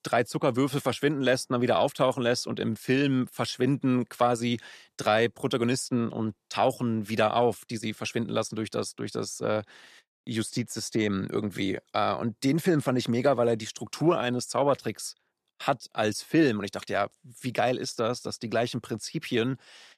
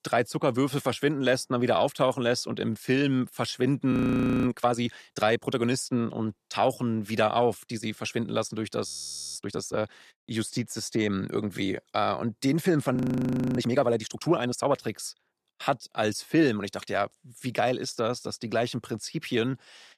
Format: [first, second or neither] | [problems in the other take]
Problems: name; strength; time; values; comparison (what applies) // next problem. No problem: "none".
first | audio freezing; at 4 s for 0.5 s, at 9 s and at 13 s for 0.5 s